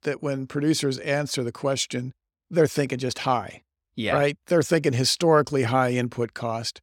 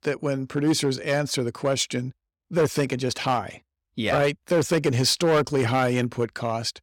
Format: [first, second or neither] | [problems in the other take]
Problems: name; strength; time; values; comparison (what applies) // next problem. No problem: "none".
first | distortion; slight; 5% of the sound clipped